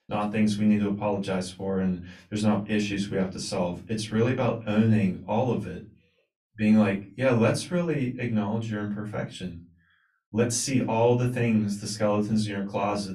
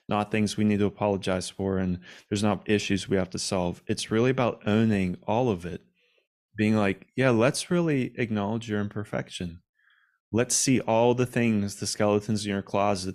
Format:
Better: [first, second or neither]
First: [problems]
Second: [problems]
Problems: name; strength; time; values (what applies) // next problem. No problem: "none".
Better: second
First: off-mic speech; far // room echo; very slight; dies away in 0.3 s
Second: none